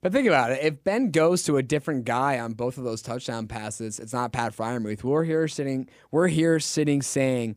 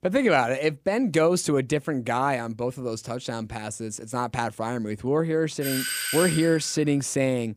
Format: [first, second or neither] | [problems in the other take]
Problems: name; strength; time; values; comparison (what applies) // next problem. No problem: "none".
first | doorbell; noticeable; from 5.5 to 6.5 s; peak level with the speech